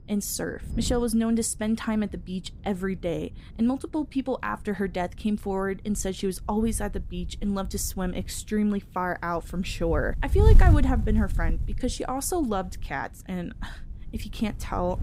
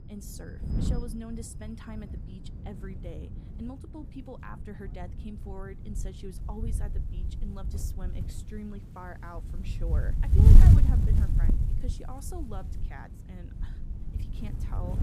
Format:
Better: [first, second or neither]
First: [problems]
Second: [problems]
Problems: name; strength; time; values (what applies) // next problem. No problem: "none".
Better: first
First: wind noise on the microphone; occasional gusts; 15 dB below the speech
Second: wind noise on the microphone; heavy; 3 dB above the speech